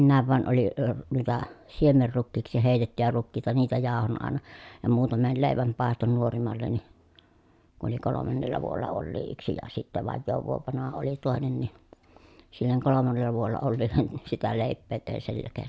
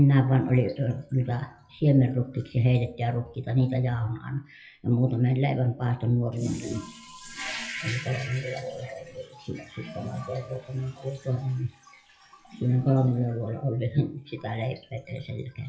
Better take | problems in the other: first | noise reduction (classical method WPE with log-MMSE)

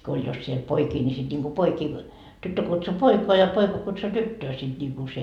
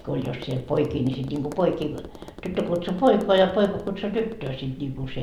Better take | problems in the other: first | background sound (Tap); 16 dB below the speech

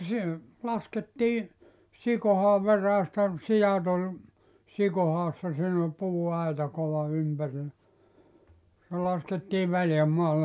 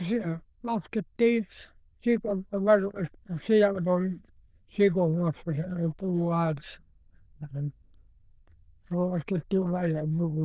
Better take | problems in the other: first | noise reduction (neural diffusion model UNIVERSE++)

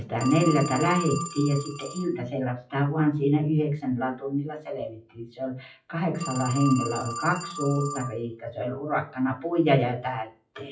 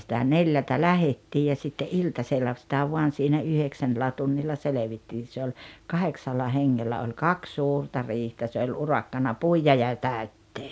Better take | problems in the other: second | noise reduction (classical method WPE with log-MMSE)

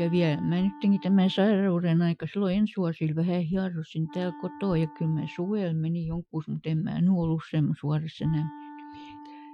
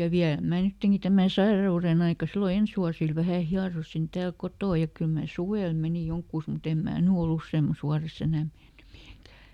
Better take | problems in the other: second | noise reduction (classical method Wiener filter)

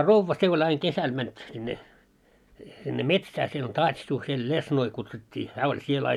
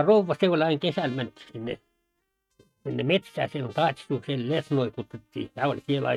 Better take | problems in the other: first | noise reduction (neural mask model RNNoise)

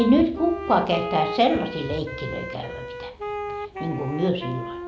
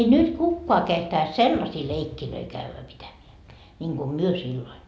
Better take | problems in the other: second | background sound (Wind instrument, woodwind instrument); 9 dB below the speech

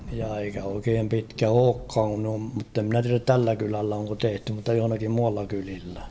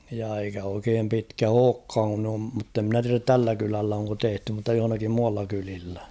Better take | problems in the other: second | background sound (Thunder / Rain); 18 dB below the speech // room echo; dies away in 0.4 s

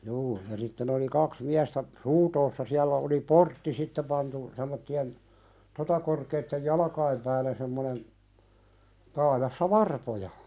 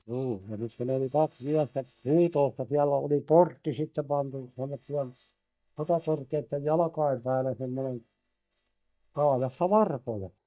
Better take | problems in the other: first | noise reduction (neural mask model DeepFilterNet 3)

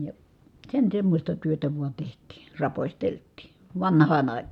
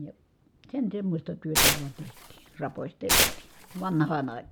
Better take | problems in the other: first | background sound (Tearing); 5 dB above the speech

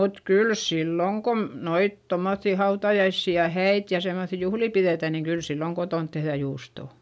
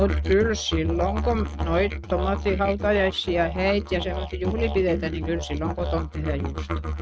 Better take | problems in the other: first | noise reduction (neural mask model RNNoise)

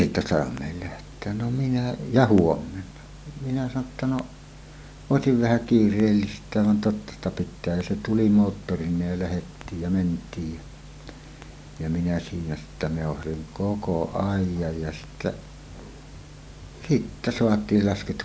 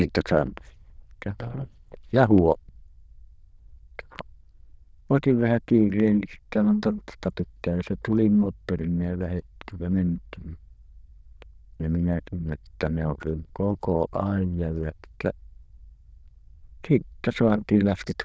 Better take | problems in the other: first | noise reduction (neural diffusion model UNIVERSE++)

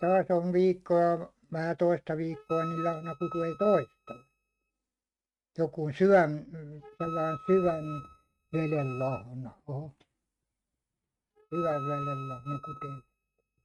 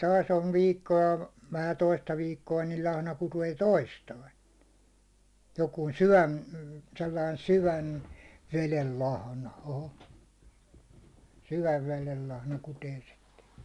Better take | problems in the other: second | noise reduction (neural mask model RNNoise)

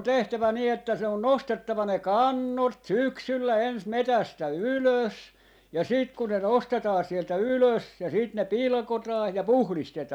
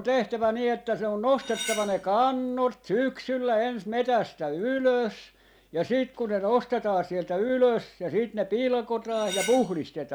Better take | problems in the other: first | background sound (Cutlery, silverware); 10 dB below the speech

